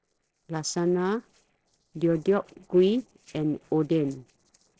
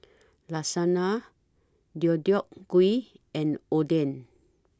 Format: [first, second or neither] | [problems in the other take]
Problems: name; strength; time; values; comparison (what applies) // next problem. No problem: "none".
second | noise reduction (neural separator model SepFormer DNS4)